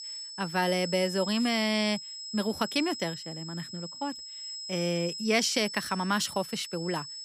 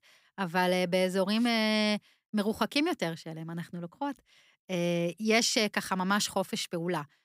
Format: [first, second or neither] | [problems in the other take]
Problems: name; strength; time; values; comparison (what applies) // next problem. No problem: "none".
second | high-pitched whine; loud; throughout; 5 kHz, 8 dB below the speech